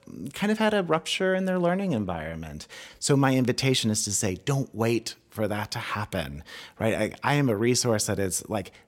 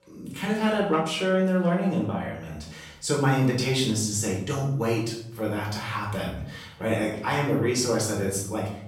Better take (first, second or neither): first